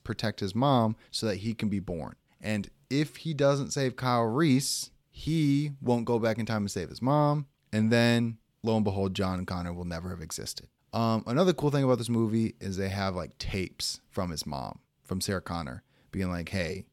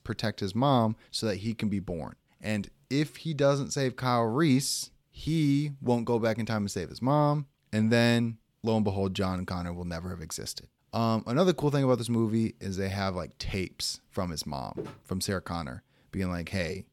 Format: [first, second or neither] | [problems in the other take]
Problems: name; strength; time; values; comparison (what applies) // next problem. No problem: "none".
first | footsteps; faint; at 15 s; peak 10 dB below the speech